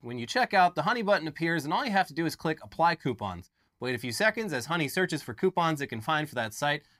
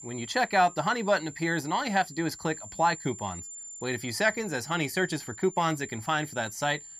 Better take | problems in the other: first | high-pitched whine; noticeable; throughout; 7 kHz, 15 dB below the speech

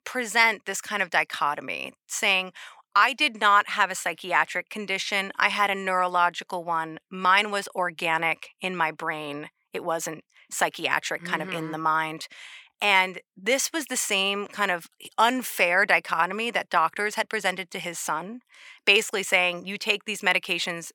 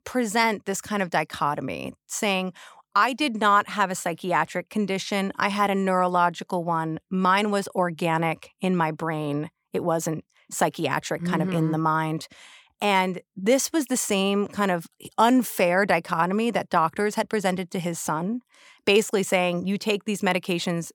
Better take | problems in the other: second | thin; somewhat; fading below 650 Hz

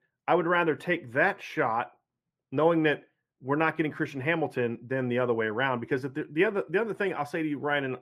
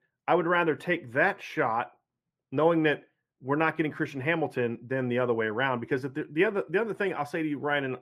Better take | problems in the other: neither | muffled; slightly; fading above 3 kHz; the same in both

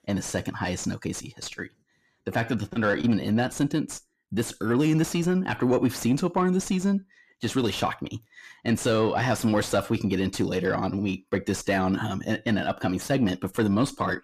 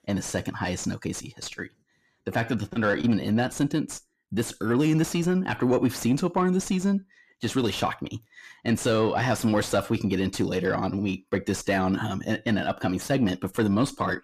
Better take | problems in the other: neither | distortion; slight; 10 dB below the speech; the same in both

